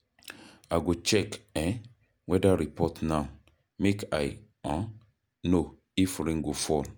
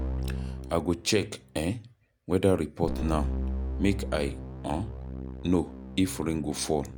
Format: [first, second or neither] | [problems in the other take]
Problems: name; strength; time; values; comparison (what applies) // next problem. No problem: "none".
first | background sound (Keyboard (musical)); 6 dB below the speech